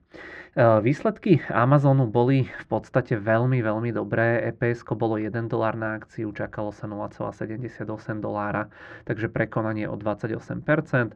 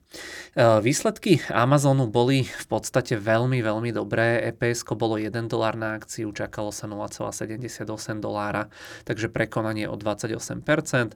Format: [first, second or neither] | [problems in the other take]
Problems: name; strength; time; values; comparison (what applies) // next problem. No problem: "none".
second | muffled; very; fading above 1.5 kHz